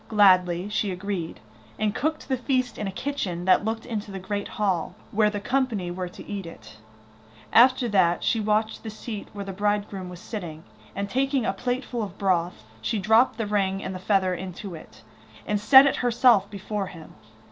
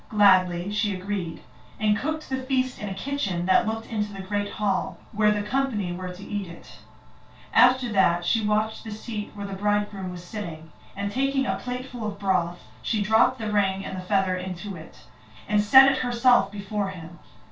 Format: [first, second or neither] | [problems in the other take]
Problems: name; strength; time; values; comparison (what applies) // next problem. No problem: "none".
first | room echo; dies away in 0.2 s